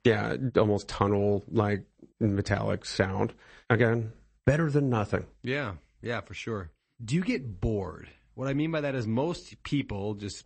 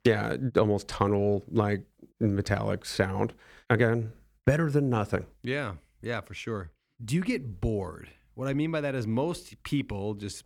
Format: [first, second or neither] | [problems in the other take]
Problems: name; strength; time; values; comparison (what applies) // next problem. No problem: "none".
second | garbled, watery; slightly; nothing above 8 kHz